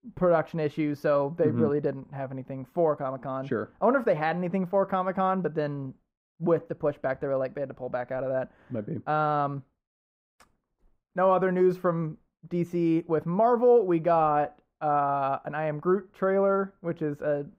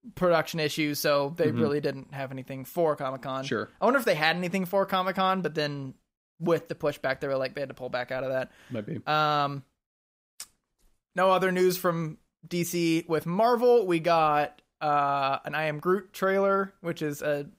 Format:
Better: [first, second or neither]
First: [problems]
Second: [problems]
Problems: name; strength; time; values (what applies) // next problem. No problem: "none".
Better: second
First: muffled; very; fading above 2.5 kHz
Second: none